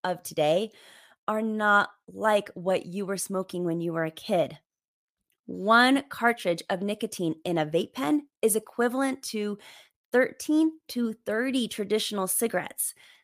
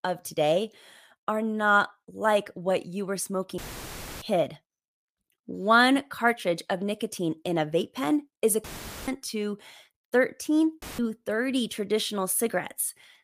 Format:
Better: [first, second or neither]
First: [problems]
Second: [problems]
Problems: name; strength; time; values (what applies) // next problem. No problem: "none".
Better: first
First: none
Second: audio cutting out; filled with static; at 3.5 s for 0.5 s, at 8.5 s and at 11 s